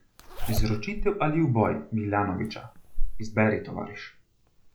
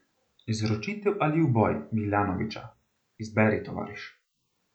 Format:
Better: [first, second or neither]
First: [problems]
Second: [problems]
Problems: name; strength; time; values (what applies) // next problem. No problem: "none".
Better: second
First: background sound (Zipper (clothing)); 2 dB below the speech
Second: none